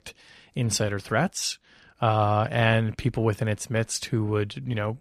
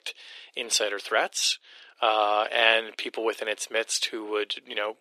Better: first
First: none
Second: thin; very; fading below 350 Hz

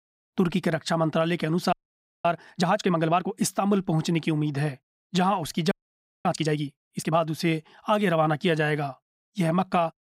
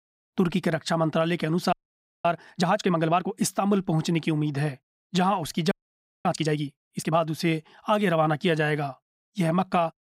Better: neither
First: audio freezing; at 1.5 s for 0.5 s and at 5.5 s for 0.5 s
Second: audio freezing; at 1.5 s for 0.5 s and at 5.5 s for 0.5 s

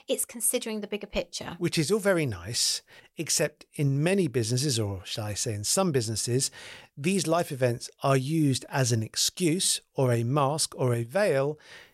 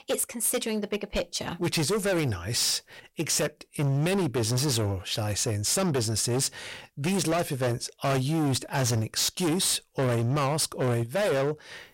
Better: first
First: none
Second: distortion; heavy; 22% of the sound clipped

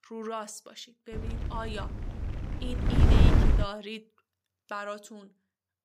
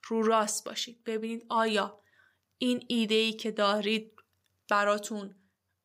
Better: second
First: wind noise on the microphone; heavy; from 1 to 3.5 s; 3 dB above the speech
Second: none

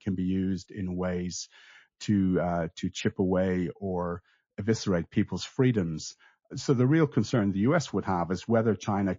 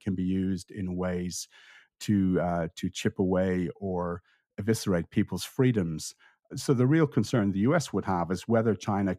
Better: second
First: garbled, watery; slightly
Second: none

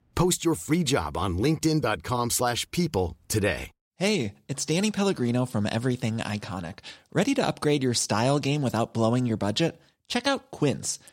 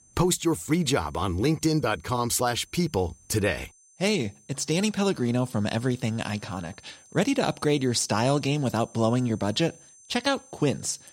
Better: first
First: none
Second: high-pitched whine; faint; throughout; 6 kHz, 25 dB below the speech

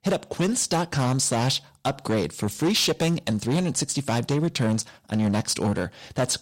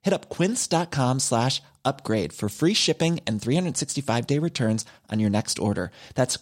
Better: second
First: distortion; slight; 10% of the sound clipped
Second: none

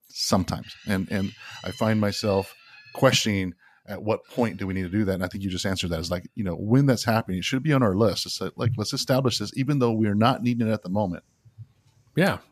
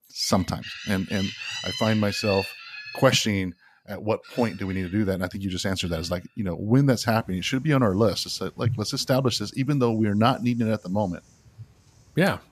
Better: first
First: animal sounds; faint; throughout; 20 dB below the speech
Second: animal sounds; loud; throughout; 10 dB below the speech

